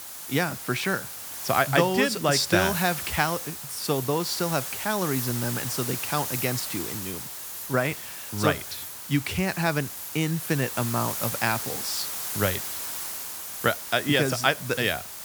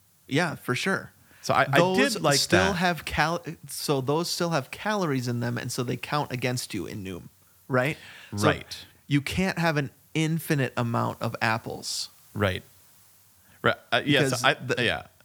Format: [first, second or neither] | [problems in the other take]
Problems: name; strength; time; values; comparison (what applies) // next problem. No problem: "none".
second | hiss; loud; throughout; 5 dB below the speech; faint in the second